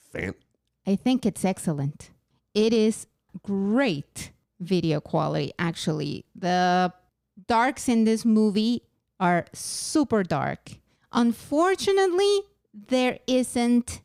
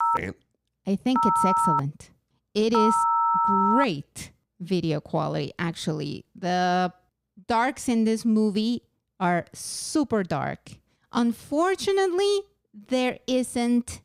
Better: first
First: none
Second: phone ringing; loud; until 4 s; peak 5 dB above the speech

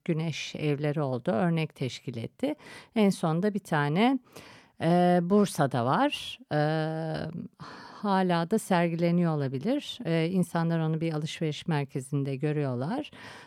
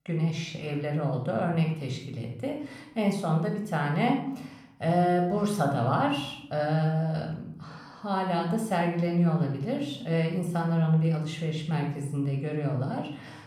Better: first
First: none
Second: room echo; noticeable; dies away in 0.6 s // off-mic speech; somewhat distant

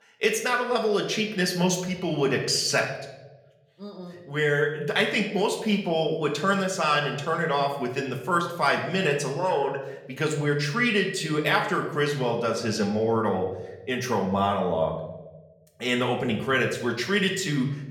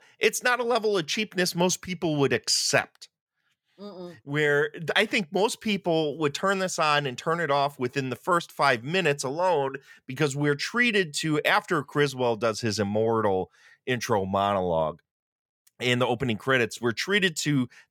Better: second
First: room echo; slight; dies away in 0.8 s // off-mic speech; somewhat distant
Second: none

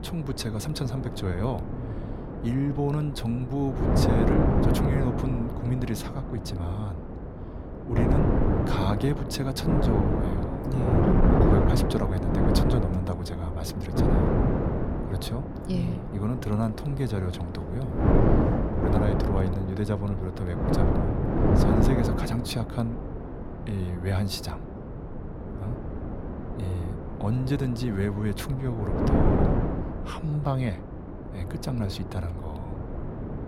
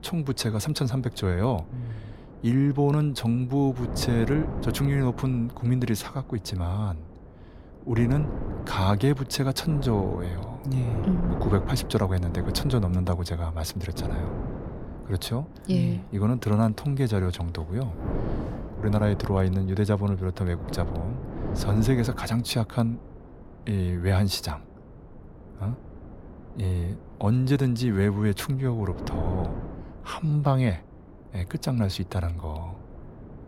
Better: second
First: wind noise on the microphone; heavy; 3 dB above the speech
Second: wind noise on the microphone; occasional gusts; 10 dB below the speech

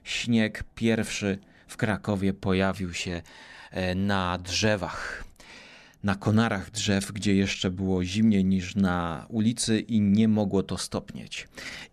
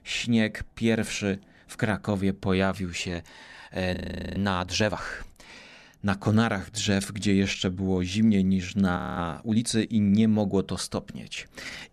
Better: first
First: none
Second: audio freezing; at 4 s and at 9 s

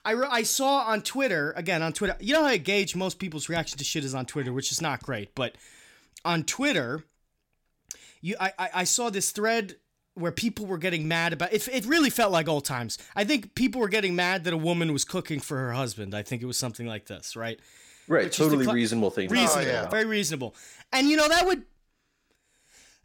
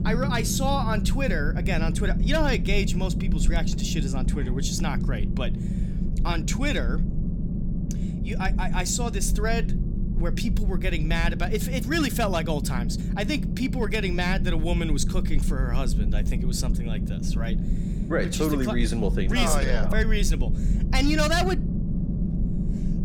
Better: first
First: none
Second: low rumble; loud; throughout; 9 dB below the speech

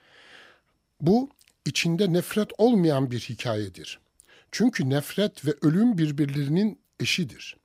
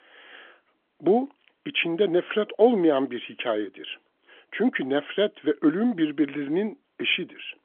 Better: first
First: none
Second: phone-call audio; nothing above 3.5 kHz

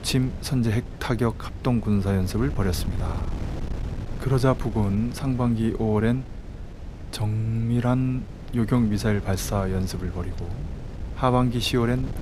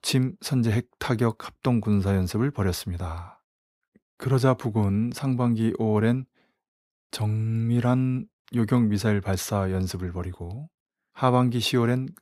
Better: second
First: wind noise on the microphone; occasional gusts; 15 dB below the speech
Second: none

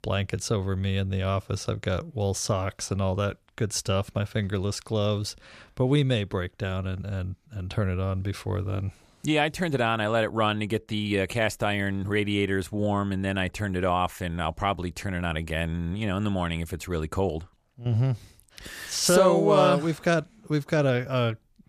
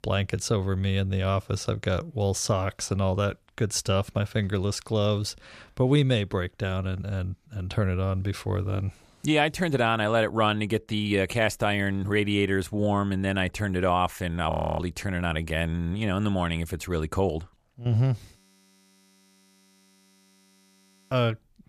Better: first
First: none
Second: audio freezing; at 15 s and at 18 s for 2.5 s

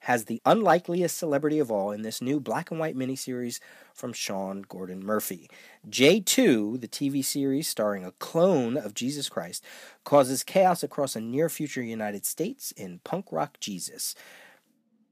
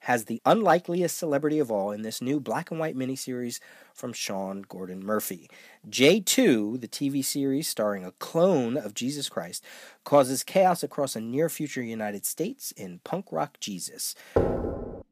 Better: first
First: none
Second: door banging; loud; at 14 s; peak 1 dB above the speech

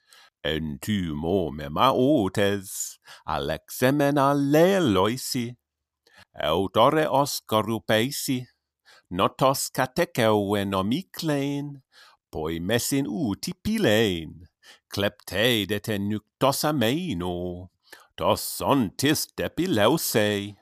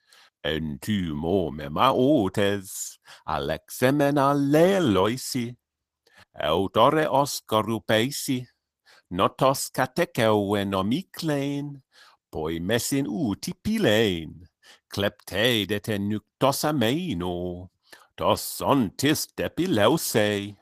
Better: first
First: none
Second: garbled, watery; slightly; nothing above 14.5 kHz

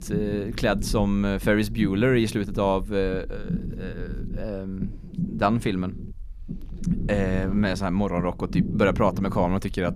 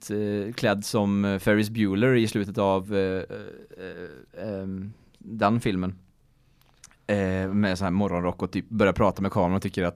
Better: second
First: low rumble; noticeable; throughout; 15 dB below the speech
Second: none

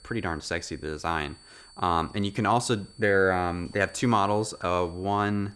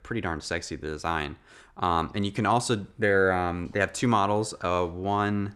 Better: second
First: high-pitched whine; faint; throughout; 4.5 kHz, 25 dB below the speech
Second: none

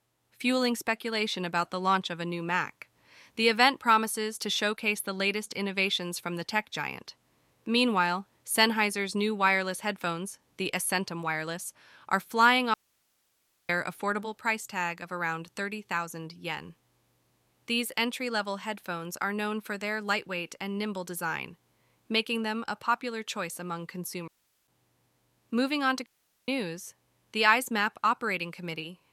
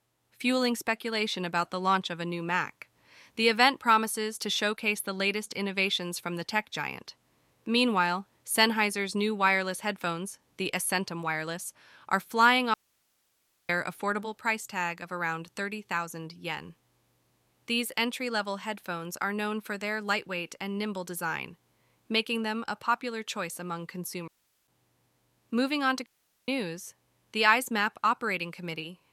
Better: neither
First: audio cutting out; at 13 s for 1 s, at 24 s and at 26 s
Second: audio cutting out; at 13 s for 1 s, at 24 s and at 26 s

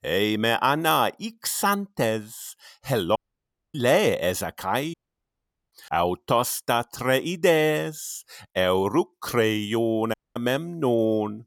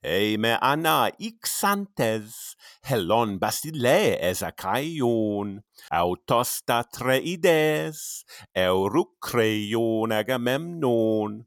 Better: second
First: audio cutting out; at 3 s for 0.5 s, at 5 s for 1 s and at 10 s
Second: none

